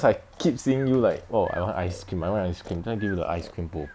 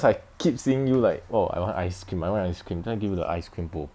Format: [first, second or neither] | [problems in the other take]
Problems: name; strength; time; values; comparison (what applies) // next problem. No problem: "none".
second | background sound (Breathing); 20 dB below the speech